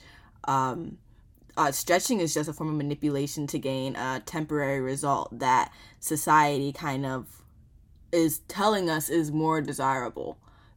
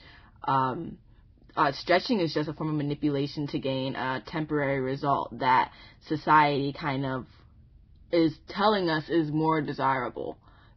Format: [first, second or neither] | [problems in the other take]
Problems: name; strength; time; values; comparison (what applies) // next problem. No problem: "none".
first | garbled, watery; badly; nothing above 5.5 kHz